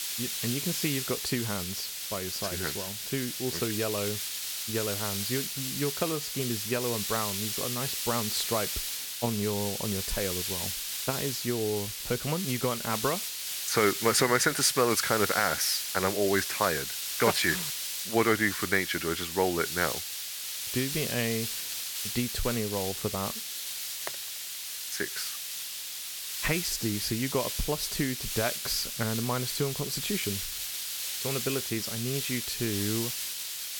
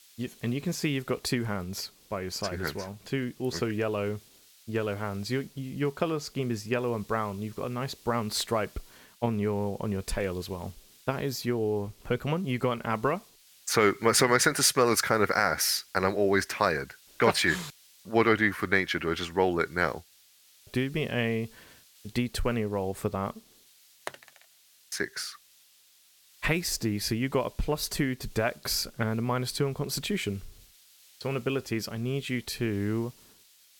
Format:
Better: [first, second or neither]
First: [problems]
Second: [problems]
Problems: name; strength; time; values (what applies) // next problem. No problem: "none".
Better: second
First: hiss; loud; throughout; 2 dB below the speech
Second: hiss; faint; throughout; 25 dB below the speech